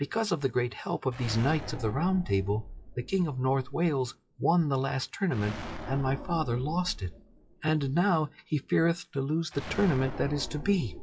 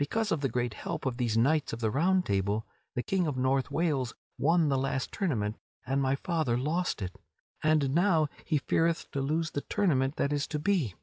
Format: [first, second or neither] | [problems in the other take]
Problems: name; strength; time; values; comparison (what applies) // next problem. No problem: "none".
second | noise reduction (classical method WPE with log-MMSE)